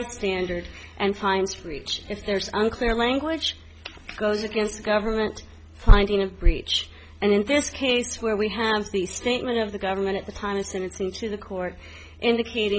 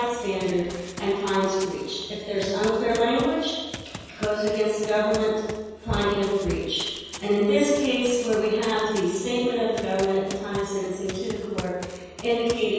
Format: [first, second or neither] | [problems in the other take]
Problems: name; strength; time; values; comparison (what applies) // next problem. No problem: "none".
first | background sound (Run); 16 dB below the speech // room echo; dies away in 1.2 s